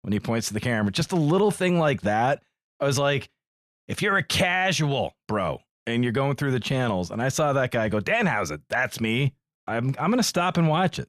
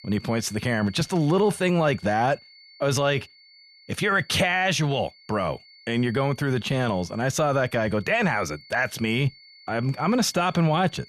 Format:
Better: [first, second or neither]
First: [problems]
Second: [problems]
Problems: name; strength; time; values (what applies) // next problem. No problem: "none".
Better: first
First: none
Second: high-pitched whine; faint; throughout; 4.5 kHz, 25 dB below the speech